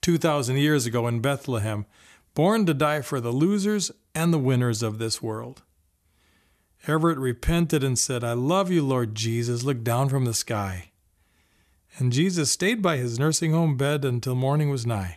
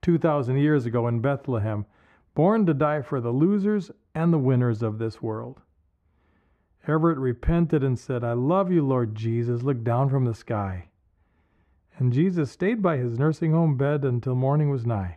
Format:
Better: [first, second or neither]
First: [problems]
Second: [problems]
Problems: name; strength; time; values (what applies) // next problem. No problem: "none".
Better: first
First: none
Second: muffled; very; fading above 3 kHz